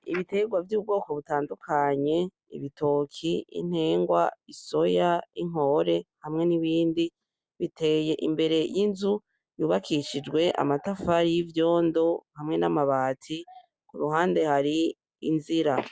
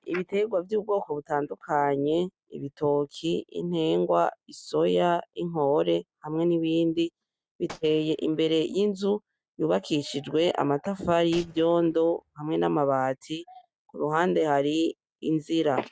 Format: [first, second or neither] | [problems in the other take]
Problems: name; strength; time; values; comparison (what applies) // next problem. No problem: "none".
first | noise reduction (neural mask model RNNoise)